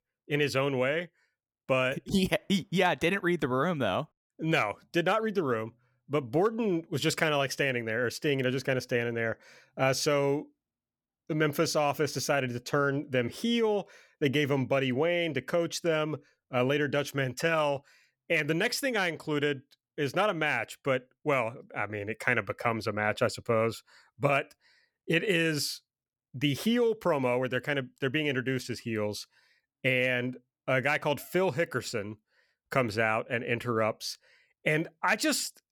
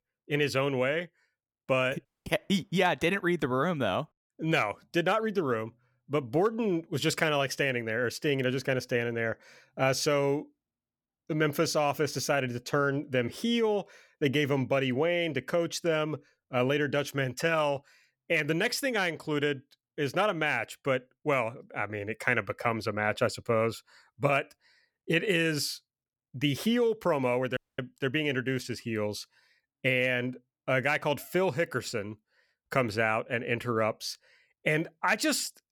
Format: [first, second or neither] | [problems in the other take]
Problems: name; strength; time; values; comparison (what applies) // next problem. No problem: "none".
first | audio cutting out; at 2 s and at 28 s